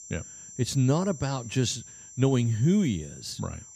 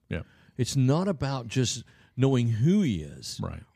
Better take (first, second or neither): second